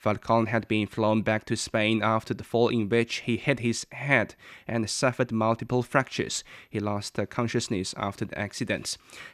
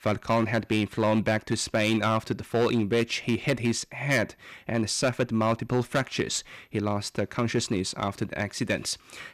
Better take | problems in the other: first | distortion; slight; 5% of the sound clipped

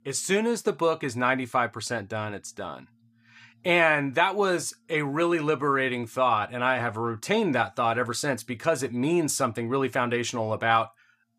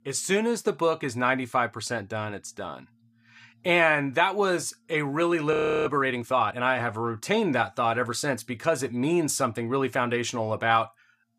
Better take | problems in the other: first | audio freezing; at 5.5 s

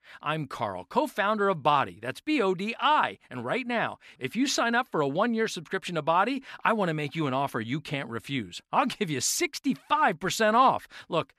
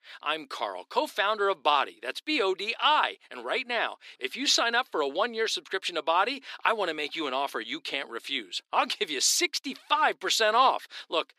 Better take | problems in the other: first | thin; somewhat; fading below 350 Hz

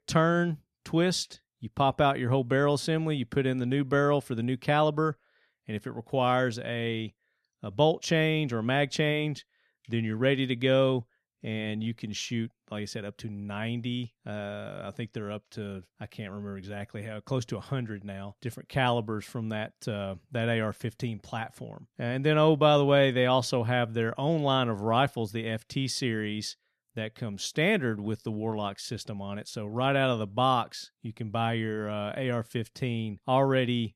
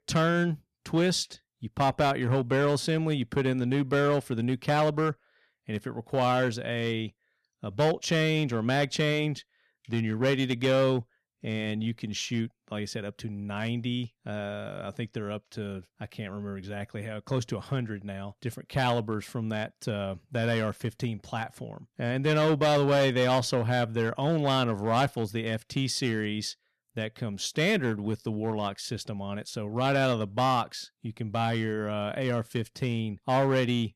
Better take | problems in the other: first | distortion; slight; 5% of the sound clipped

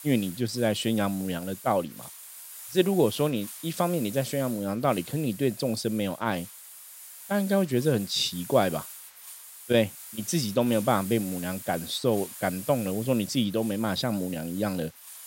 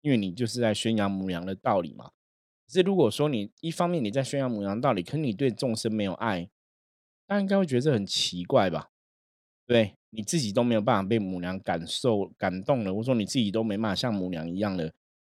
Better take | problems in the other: second | hiss; noticeable; throughout; 15 dB below the speech

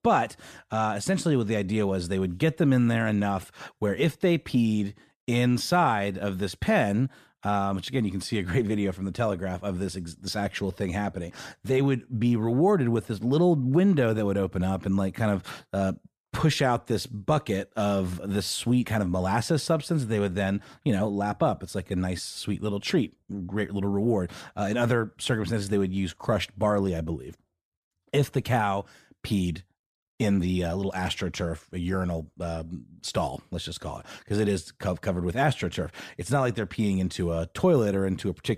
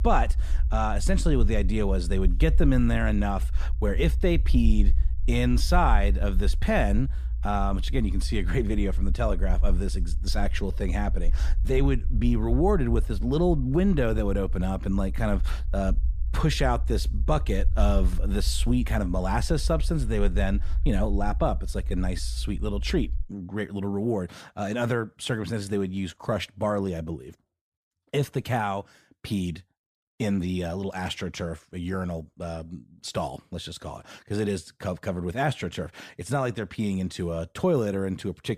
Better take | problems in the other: first | low rumble; faint; until 23 s; 20 dB below the speech

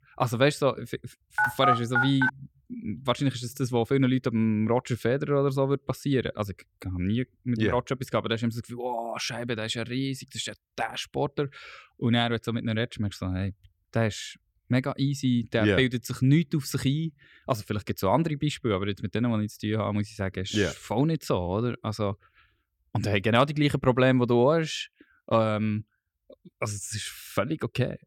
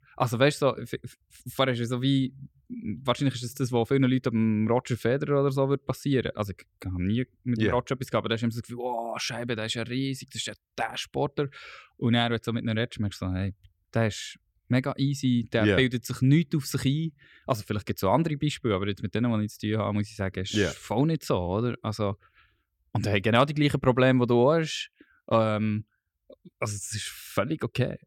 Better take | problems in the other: second | phone ringing; loud; at 1.5 s; peak 4 dB above the speech

